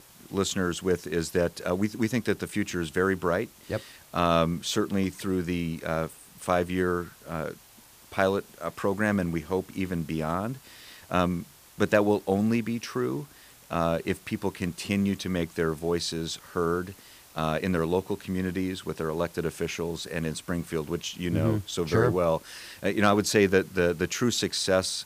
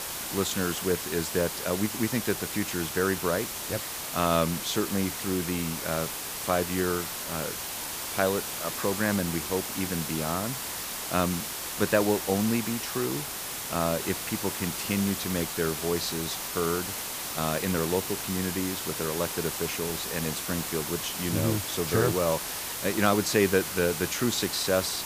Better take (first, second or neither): first